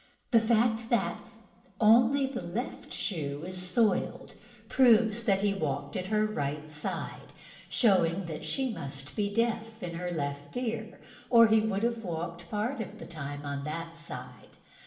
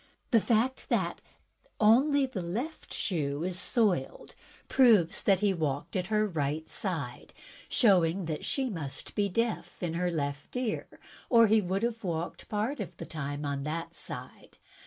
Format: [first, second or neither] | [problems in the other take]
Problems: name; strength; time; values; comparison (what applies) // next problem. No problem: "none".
second | room echo; dies away in 2 s